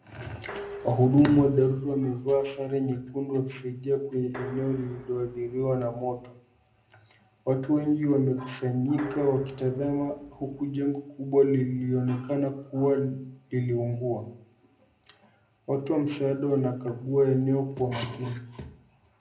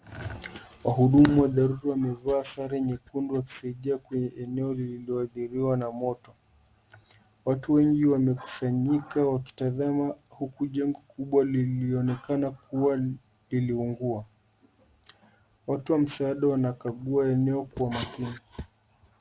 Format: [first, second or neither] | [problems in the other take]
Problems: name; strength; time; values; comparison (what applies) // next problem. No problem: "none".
second | background sound (Dishes, pots, and pans); 18 dB below the speech // room echo; dies away in 0.5 s